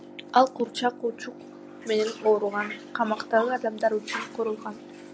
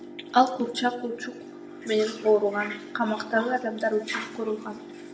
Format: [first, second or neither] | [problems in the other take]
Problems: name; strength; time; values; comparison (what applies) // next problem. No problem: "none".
first | room echo; dies away in 0.6 s